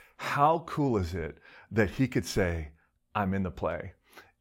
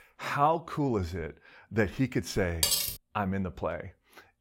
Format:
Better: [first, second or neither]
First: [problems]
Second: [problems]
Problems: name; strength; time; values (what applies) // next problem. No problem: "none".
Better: first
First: none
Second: clattering dishes; loud; at 2.5 s; peak 5 dB above the speech